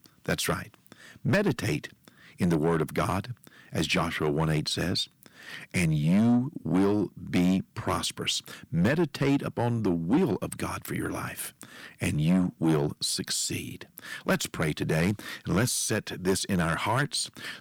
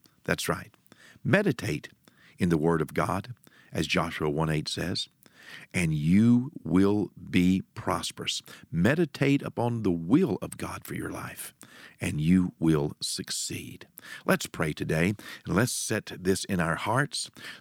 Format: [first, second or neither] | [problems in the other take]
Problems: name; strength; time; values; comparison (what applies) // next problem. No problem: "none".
second | distortion; slight; 10 dB below the speech